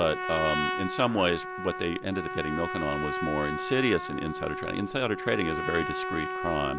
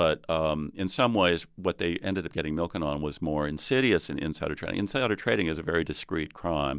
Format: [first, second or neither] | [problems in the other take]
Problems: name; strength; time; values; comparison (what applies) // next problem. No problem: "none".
second | background sound (Trumpet); 4 dB below the speech